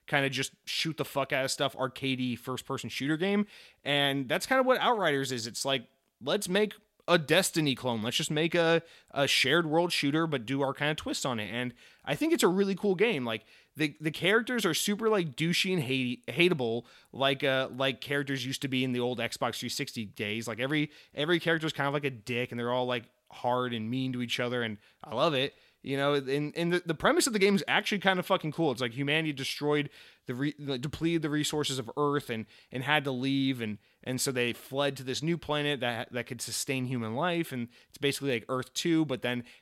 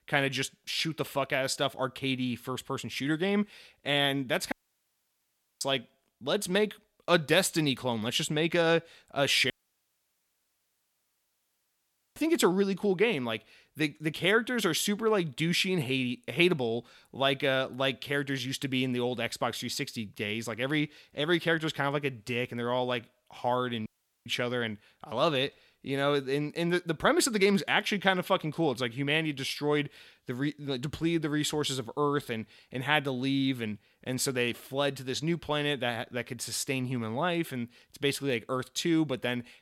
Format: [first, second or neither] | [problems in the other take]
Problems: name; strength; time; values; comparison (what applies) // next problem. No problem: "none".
first | audio cutting out; at 4.5 s for 1 s, at 9.5 s for 2.5 s and at 24 s